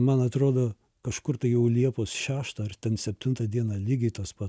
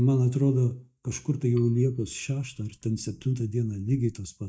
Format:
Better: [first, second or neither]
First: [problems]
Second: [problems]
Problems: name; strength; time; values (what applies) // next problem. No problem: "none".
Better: first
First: none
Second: noise reduction (neural mask model DeepFilterNet 3)